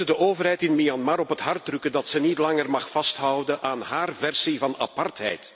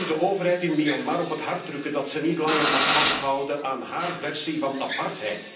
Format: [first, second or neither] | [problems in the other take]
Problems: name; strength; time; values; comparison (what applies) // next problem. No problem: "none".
first | background sound (Drill); 4 dB below the speech // room echo; dies away in 0.6 s